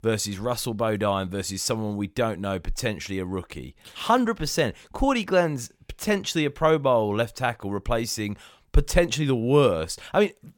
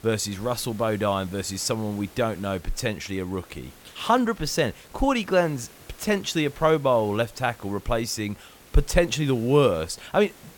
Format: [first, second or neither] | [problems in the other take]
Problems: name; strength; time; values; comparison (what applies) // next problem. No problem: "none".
first | hiss; faint; throughout; 25 dB below the speech